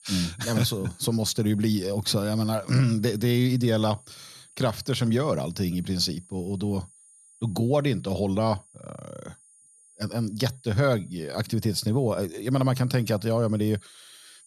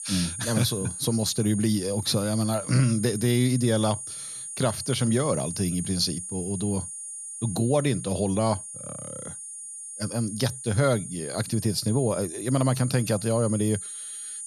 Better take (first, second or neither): first